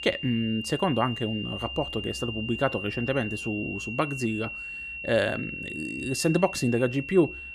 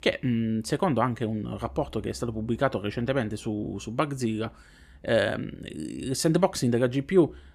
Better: second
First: high-pitched whine; loud; throughout; 2.5 kHz, 7 dB below the speech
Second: none

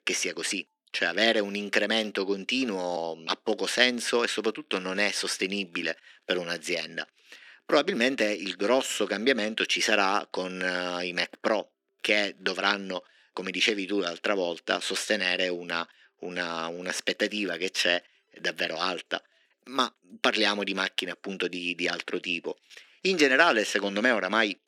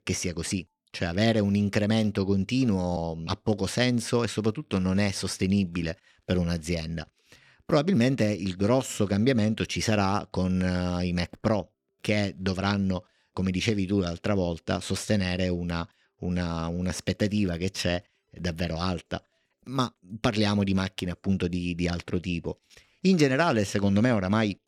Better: second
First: thin; somewhat; fading below 300 Hz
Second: none

